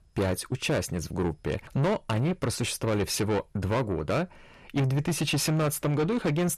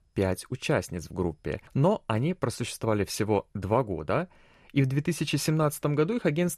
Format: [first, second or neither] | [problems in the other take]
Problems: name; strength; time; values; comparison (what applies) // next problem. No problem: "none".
second | distortion; heavy; 7 dB below the speech